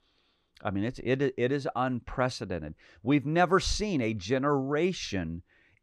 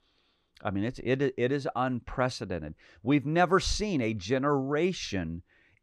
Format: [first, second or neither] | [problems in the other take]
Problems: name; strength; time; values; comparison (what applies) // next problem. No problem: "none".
neither | none